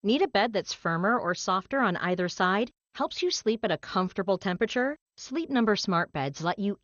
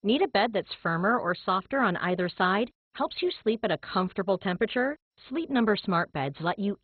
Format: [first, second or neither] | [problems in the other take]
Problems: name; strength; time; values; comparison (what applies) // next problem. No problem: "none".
first | garbled, watery; badly; nothing above 4 kHz; slightly in the first